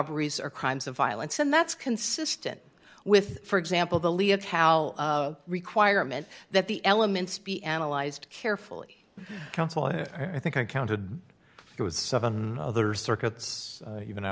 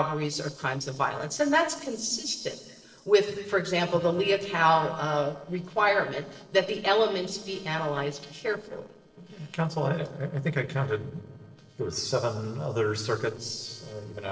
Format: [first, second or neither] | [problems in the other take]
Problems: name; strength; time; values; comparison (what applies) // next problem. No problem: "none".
first | noise reduction (neural separator model SepFormer DNS4)